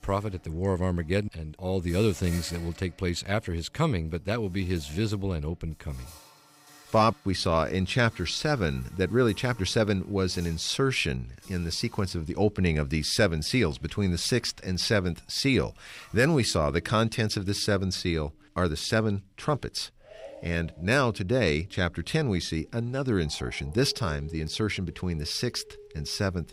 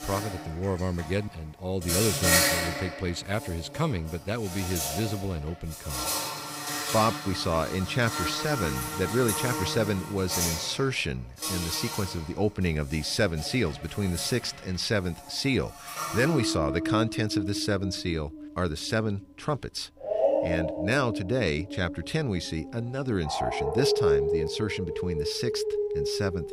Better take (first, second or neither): first